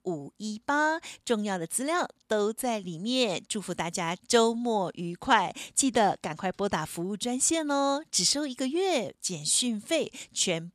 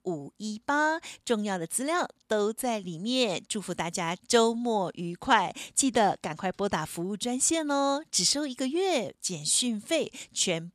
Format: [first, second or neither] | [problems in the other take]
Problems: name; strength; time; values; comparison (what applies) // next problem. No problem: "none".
neither | none